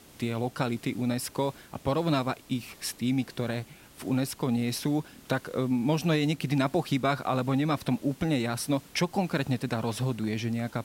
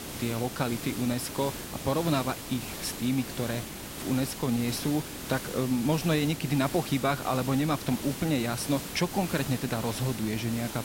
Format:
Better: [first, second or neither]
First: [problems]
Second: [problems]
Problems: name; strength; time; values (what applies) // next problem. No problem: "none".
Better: first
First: hiss; faint; throughout; 25 dB below the speech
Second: hiss; loud; throughout; 7 dB below the speech